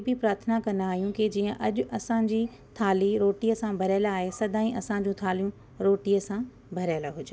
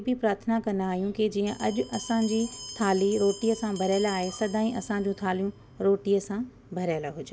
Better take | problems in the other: first | background sound (Bell); 18 dB below the speech

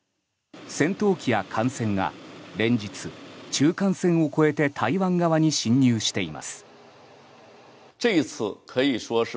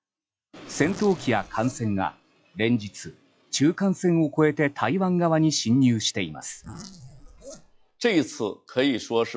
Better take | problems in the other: first | noise reduction (classical method log-MMSE)

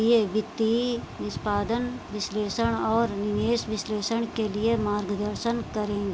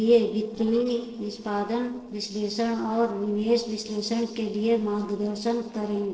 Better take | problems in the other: first | noise reduction (neural separator model SepFormer DNS4)

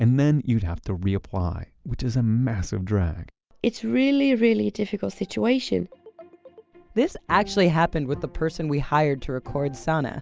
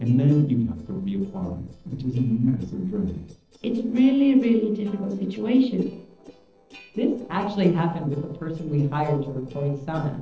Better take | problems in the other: first | noise reduction (neural separator model SepFormer DNS4)

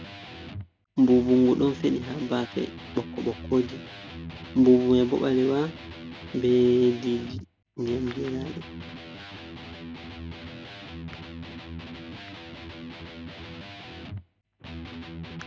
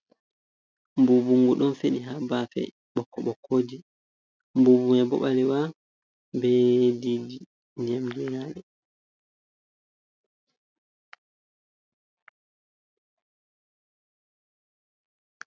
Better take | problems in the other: second | background sound (Electric guitar); 13 dB below the speech

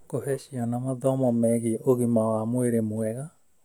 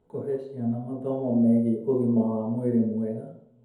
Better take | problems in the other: first | room echo; dies away in 2.1 s

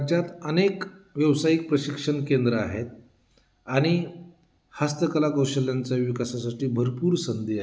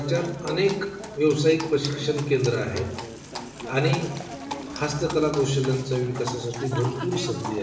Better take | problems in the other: first | background sound (Livestock, farm animals, working animals); 10 dB below the speech // room echo; dies away in 0.8 s

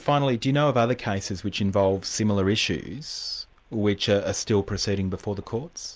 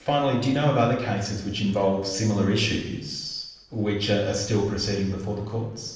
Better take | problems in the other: first | noise reduction (neural separator model SepFormer DNS4)

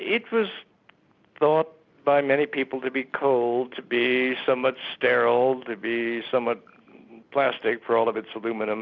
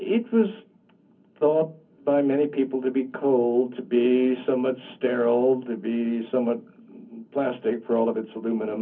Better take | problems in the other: first | room echo; dies away in 0.4 s

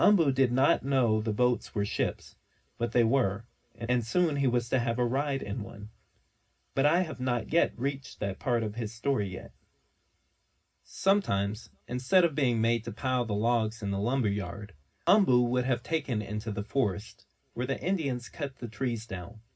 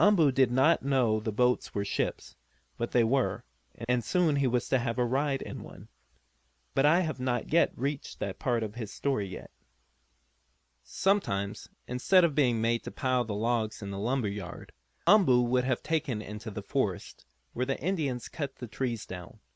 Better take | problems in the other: second | room echo; dies away in 0.4 s

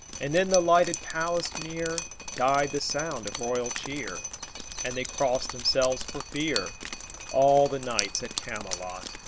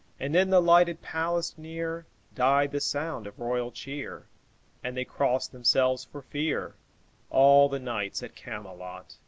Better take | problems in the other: second | background sound (Drip); 9 dB below the speech

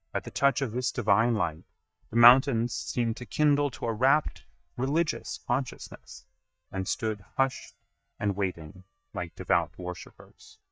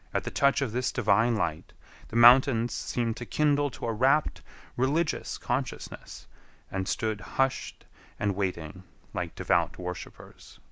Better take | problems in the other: second | noise reduction (neural mask model DeepFilterNet 3)

